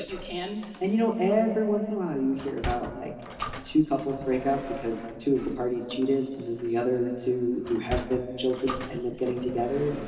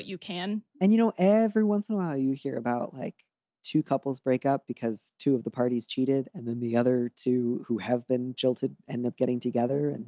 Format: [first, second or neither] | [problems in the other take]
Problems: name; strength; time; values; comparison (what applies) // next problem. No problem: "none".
second | background sound (Sliding door); 13 dB below the speech // room echo; dies away in 2.5 s